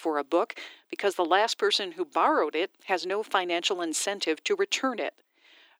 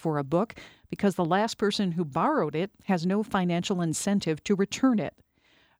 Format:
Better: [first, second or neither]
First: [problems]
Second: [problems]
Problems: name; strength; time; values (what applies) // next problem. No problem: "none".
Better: second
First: thin; very; fading below 300 Hz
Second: none